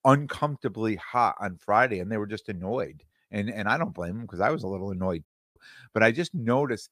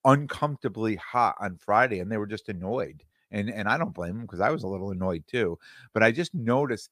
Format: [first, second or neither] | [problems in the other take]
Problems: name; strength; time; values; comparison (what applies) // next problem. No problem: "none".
second | audio cutting out; at 5.5 s